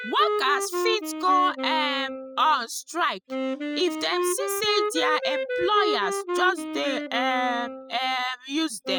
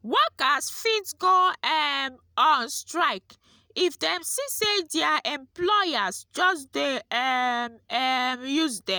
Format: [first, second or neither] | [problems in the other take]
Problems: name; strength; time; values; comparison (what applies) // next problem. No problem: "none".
second | noise reduction (classical method spectral subtraction)